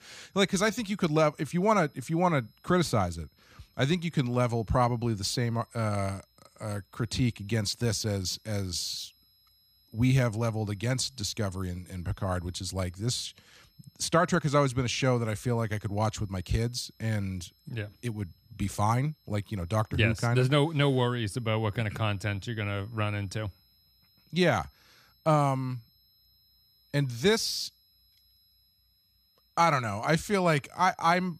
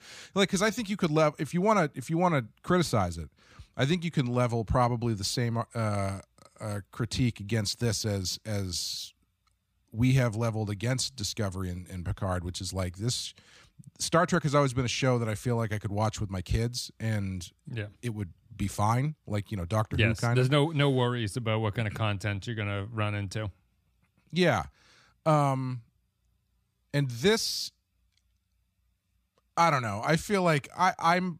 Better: second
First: high-pitched whine; faint; throughout; 5 kHz, 35 dB below the speech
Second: none

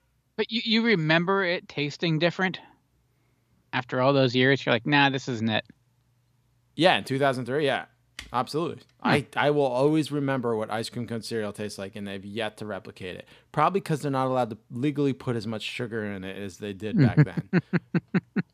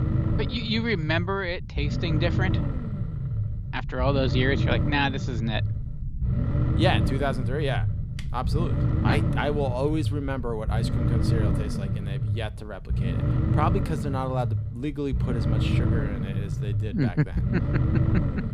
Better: first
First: none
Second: low rumble; loud; throughout; 7 dB below the speech

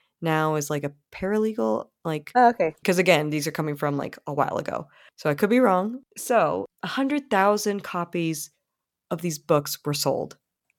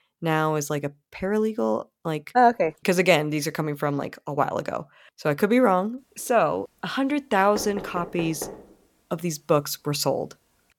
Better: first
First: none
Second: door banging; faint; from 7.5 to 8.5 s; peak 10 dB below the speech

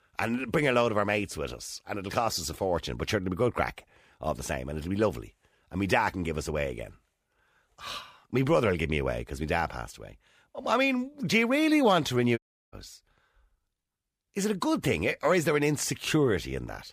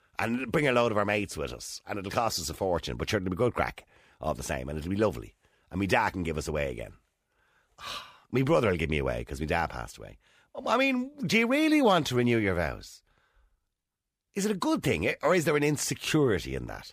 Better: second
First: audio cutting out; at 12 s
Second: none

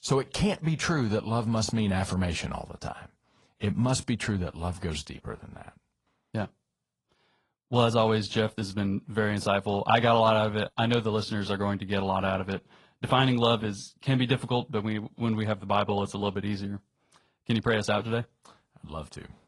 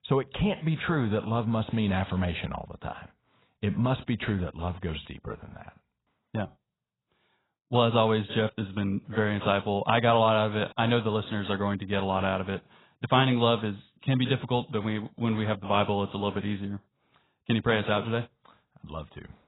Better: first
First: garbled, watery; slightly; nothing above 10.5 kHz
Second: garbled, watery; badly; nothing above 4 kHz

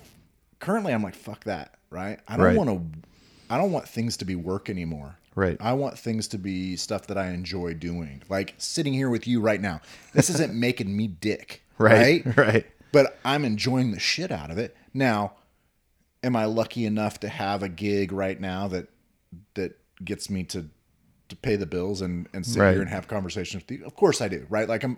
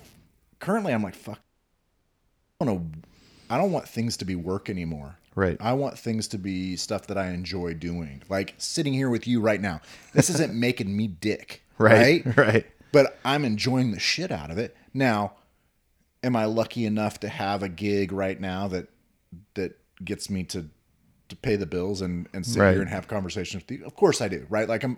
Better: first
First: none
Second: audio cutting out; at 1.5 s for 1 s

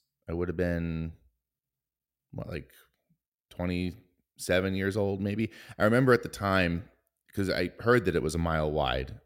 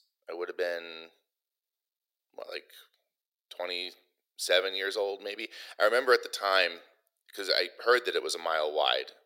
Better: first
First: none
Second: thin; very; fading below 450 Hz

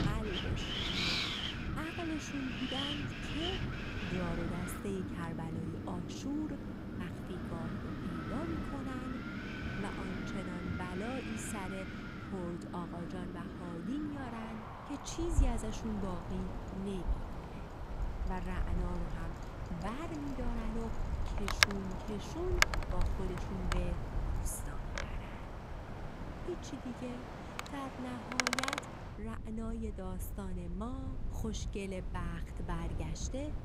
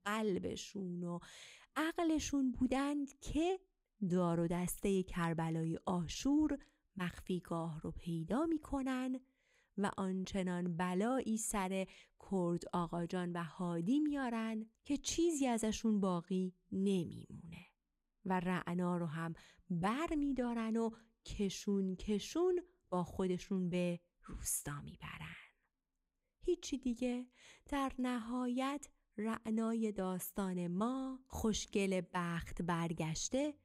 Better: second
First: wind in the background; very loud; throughout; 4 dB above the speech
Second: none

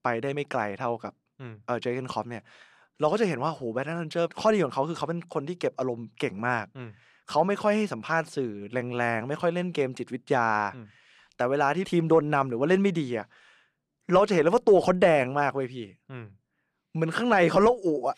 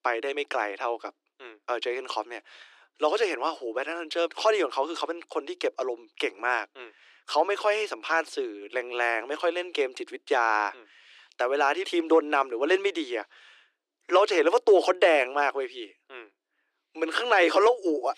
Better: first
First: none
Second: thin; very; fading below 300 Hz

